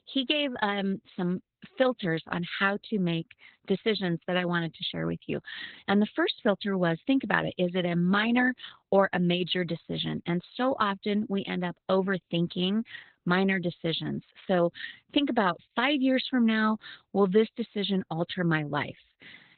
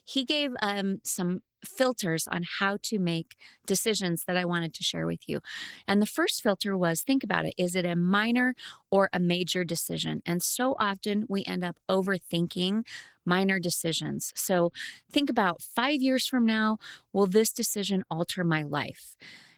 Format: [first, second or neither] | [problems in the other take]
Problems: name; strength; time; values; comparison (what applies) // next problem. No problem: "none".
second | garbled, watery; badly; nothing above 4 kHz; slightly in the second